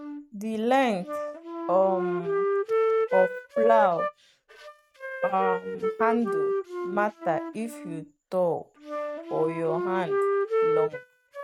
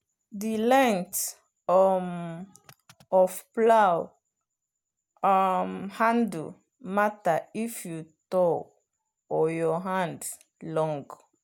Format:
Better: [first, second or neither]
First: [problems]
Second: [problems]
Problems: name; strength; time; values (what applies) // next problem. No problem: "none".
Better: second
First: noise reduction (neural mask model RNNoise)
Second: none